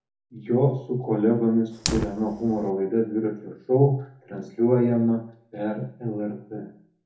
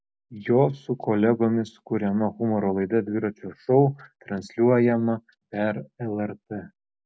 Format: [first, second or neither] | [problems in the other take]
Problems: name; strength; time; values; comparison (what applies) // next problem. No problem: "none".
second | background sound (Fire); 16 dB below the speech // room echo; dies away in 0.6 s